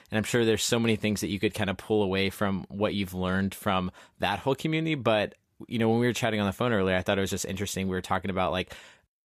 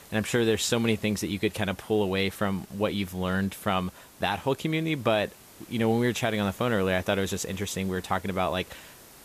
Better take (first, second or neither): first